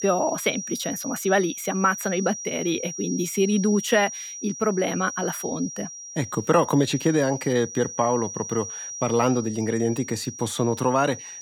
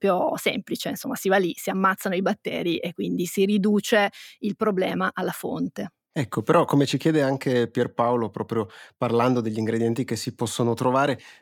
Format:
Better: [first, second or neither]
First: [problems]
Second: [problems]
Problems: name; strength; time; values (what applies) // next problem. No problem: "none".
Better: second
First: high-pitched whine; loud; throughout; 5.5 kHz, 9 dB below the speech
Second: none